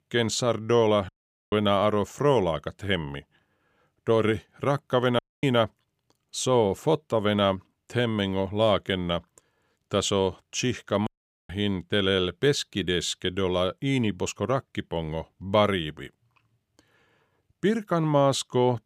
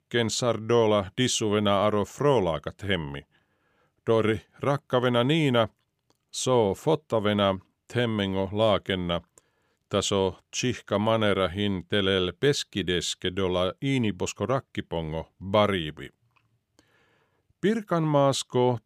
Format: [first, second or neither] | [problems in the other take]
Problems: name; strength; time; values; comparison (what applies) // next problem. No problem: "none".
second | audio cutting out; at 1 s, at 5 s and at 11 s